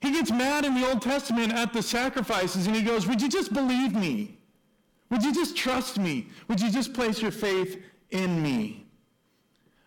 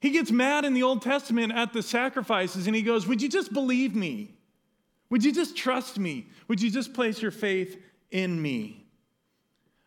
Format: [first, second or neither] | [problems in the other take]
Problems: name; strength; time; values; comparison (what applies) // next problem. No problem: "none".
second | distortion; heavy; 28% of the sound clipped